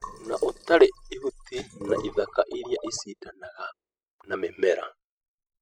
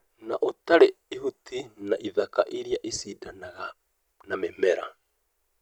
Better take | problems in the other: second | noise reduction (classical method spectral subtraction)

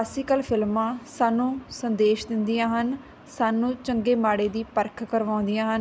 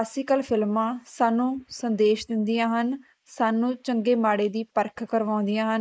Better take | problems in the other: first | noise reduction (neural mask model Resemble Enhance denoiser)

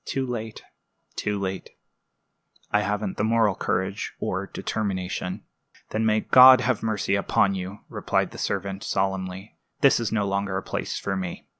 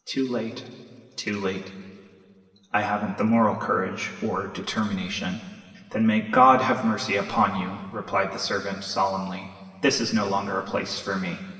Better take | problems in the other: first | room echo; dies away in 2 s

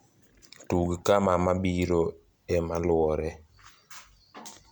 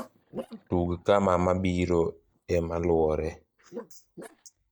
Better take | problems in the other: first | noise reduction (neural mask model DeepFilterNet 3)

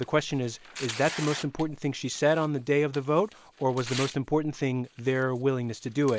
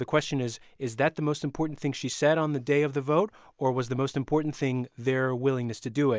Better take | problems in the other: second | background sound (Tearing); 15 dB below the speech

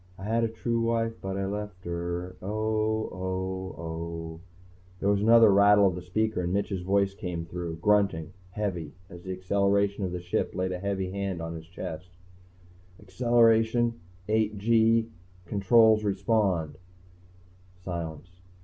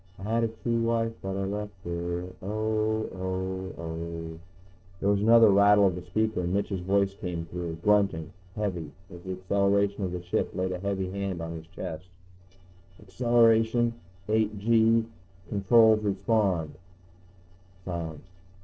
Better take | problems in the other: first | noise reduction (neural separator model SepFormer DNS4)

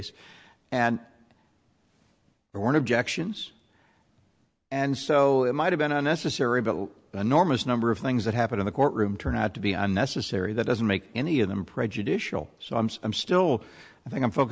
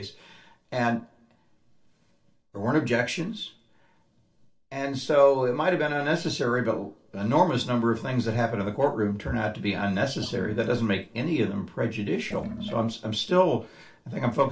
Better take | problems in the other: first | noise reduction (neural separator model SepFormer DNS4)

